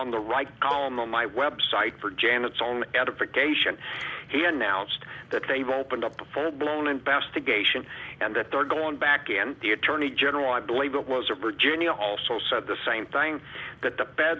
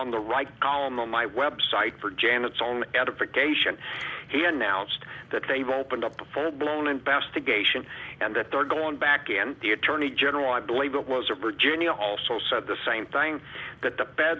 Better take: second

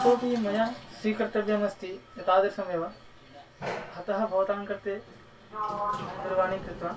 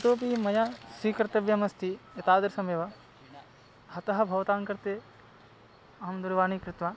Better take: second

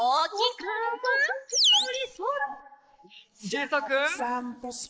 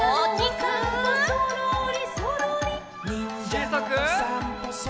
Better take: second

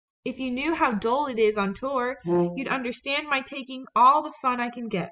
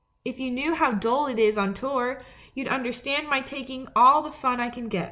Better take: second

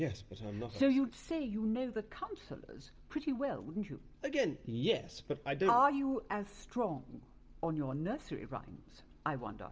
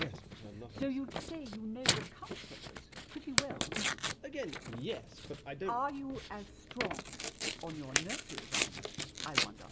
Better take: first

